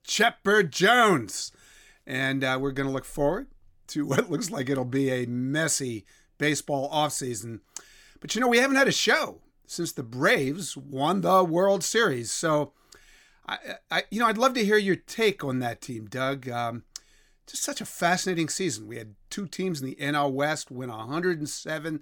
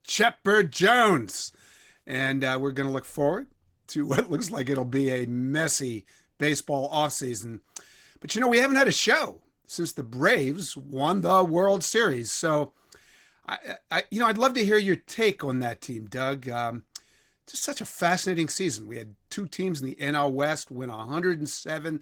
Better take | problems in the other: first | garbled, watery; slightly; nothing above 18 kHz

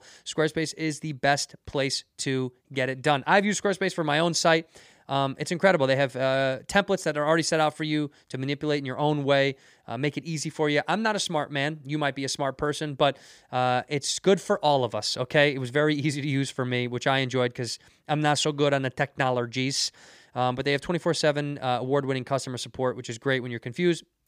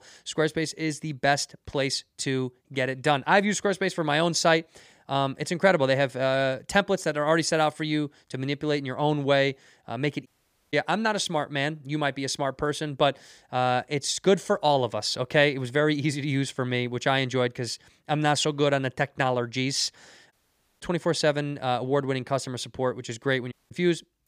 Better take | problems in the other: first | audio cutting out; at 10 s, at 20 s and at 24 s

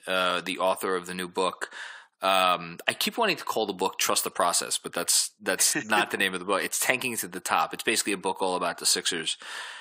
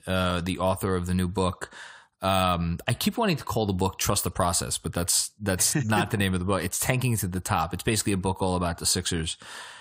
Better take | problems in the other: second | thin; somewhat; fading below 300 Hz

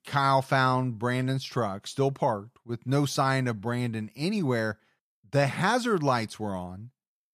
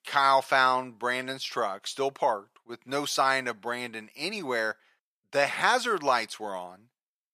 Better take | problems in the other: first | thin; very; fading below 500 Hz

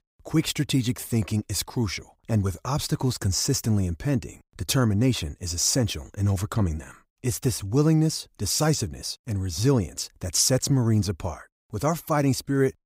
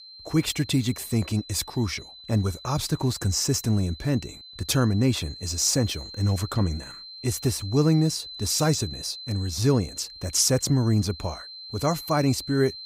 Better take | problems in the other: first | high-pitched whine; noticeable; throughout; 4 kHz, 15 dB below the speech

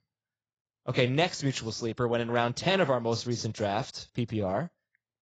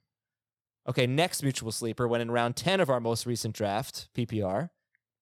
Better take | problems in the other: second | garbled, watery; badly; nothing above 7.5 kHz

